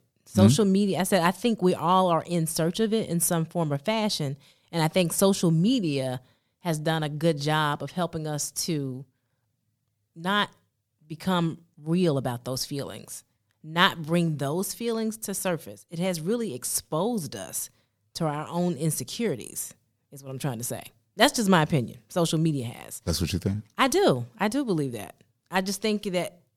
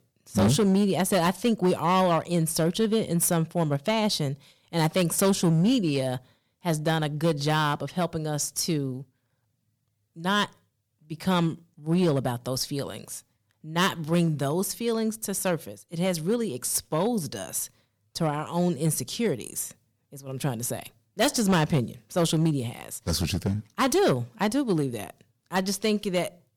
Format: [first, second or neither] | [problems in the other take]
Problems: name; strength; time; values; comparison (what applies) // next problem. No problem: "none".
first | distortion; slight; 4% of the sound clipped